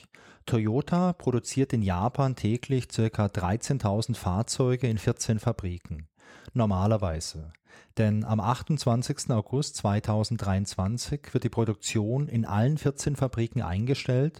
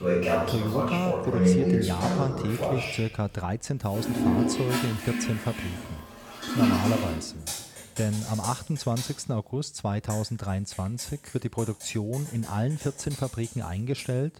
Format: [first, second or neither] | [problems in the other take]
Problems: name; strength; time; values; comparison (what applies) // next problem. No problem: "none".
first | household noises; very loud; throughout; 2 dB above the speech